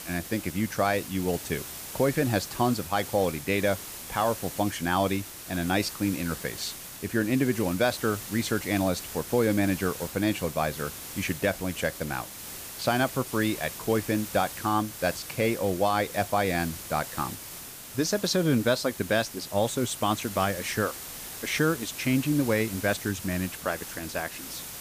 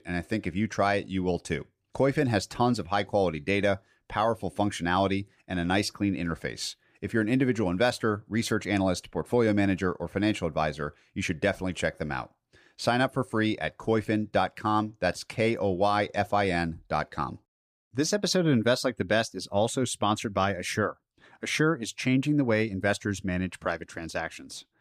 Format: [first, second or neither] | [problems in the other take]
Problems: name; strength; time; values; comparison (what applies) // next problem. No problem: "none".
second | hiss; loud; throughout; 10 dB below the speech